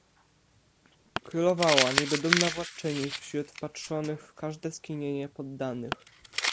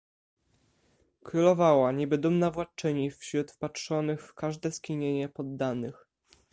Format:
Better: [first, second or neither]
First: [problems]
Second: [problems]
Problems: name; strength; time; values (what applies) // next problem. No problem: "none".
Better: second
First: background sound (Crumpling, crinkling); 2 dB below the speech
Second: none